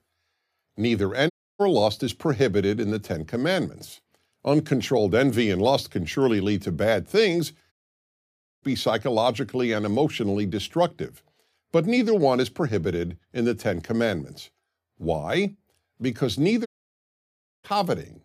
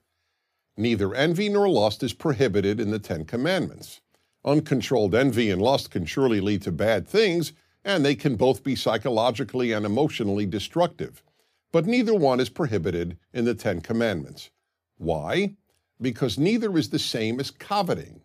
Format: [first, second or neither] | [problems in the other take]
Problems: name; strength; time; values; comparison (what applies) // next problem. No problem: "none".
second | audio cutting out; at 1.5 s, at 7.5 s for 1 s and at 17 s for 1 s